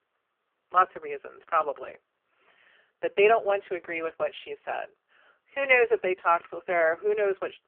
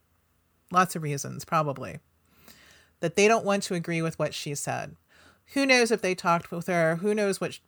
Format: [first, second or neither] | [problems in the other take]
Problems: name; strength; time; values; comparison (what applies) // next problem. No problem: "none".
second | phone-call audio; poor line